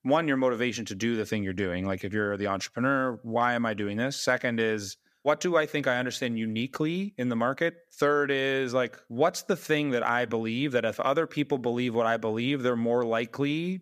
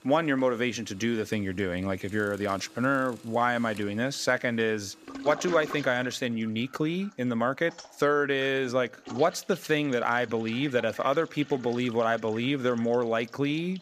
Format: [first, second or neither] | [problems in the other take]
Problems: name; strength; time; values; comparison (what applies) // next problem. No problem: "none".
first | household noises; noticeable; throughout; 20 dB below the speech